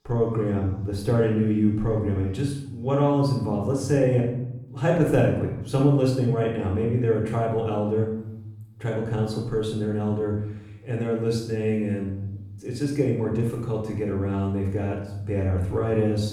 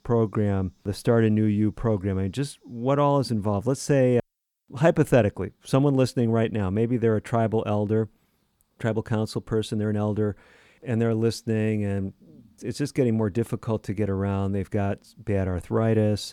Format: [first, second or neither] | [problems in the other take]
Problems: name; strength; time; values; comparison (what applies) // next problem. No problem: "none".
second | off-mic speech; far // room echo; noticeable; dies away in 0.8 s